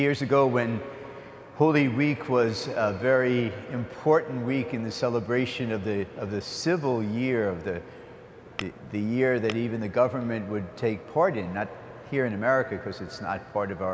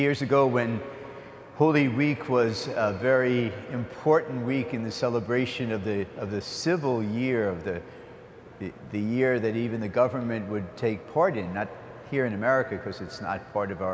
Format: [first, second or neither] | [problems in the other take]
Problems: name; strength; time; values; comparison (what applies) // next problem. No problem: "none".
second | background sound (Tap / Glass); 16 dB below the speech